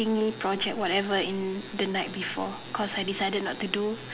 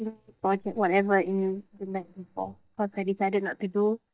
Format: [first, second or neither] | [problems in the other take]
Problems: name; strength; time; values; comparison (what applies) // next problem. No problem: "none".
first | noise reduction (neural mask model DeepFilterNet 3)